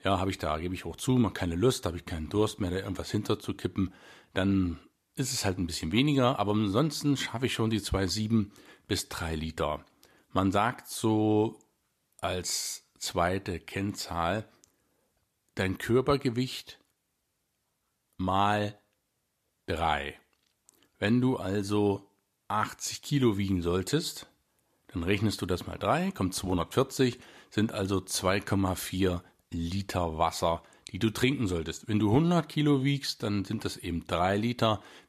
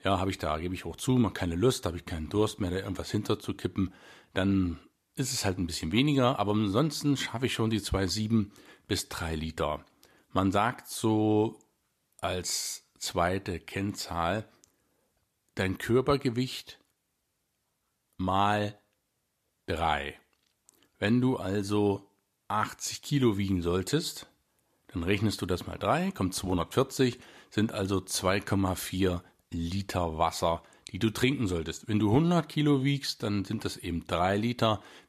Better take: neither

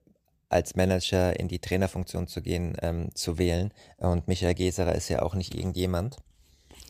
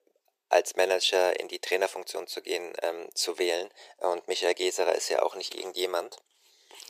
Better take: first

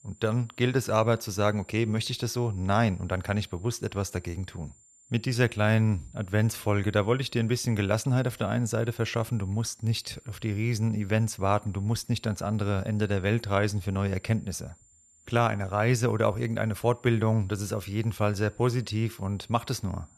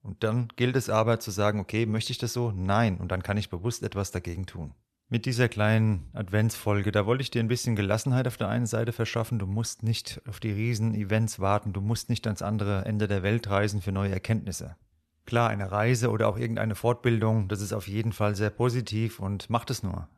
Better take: second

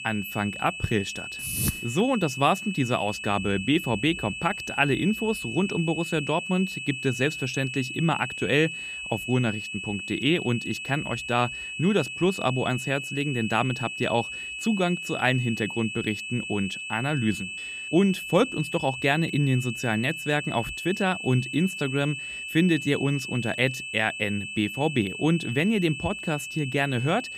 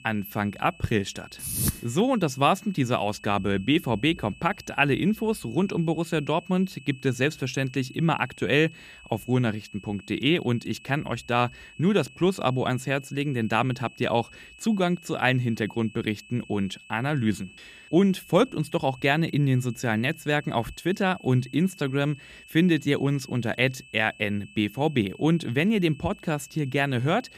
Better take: second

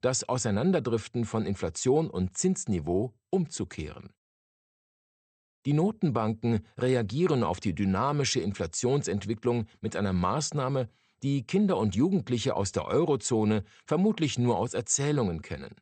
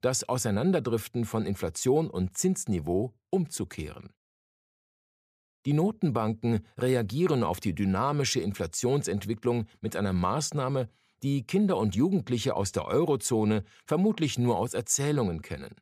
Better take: second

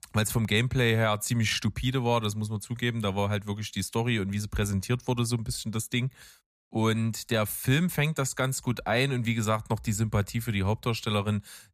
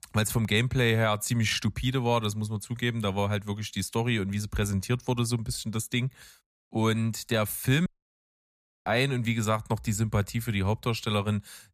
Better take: first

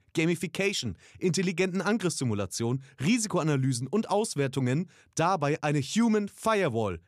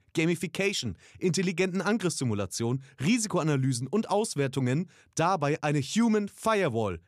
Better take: neither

